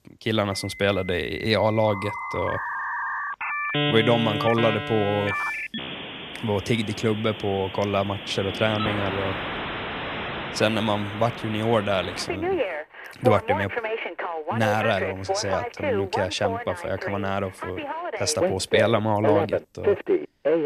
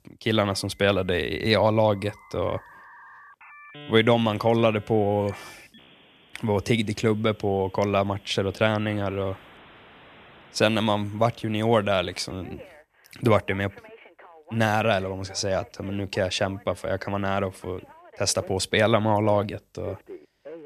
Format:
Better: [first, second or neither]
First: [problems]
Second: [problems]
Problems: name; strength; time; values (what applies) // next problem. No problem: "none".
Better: second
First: alarms or sirens; loud; throughout; 3 dB below the speech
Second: alarms or sirens; faint; throughout; 25 dB below the speech